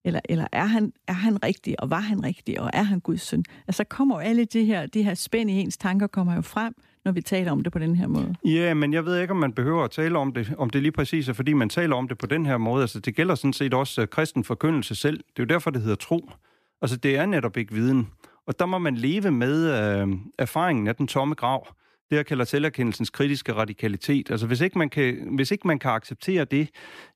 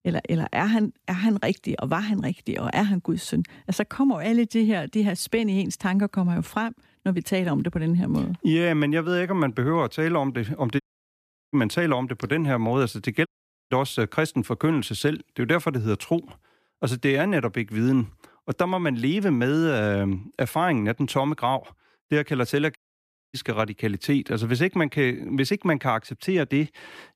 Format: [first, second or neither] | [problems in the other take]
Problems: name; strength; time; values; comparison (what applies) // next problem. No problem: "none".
first | audio cutting out; at 11 s for 0.5 s, at 13 s and at 23 s for 0.5 s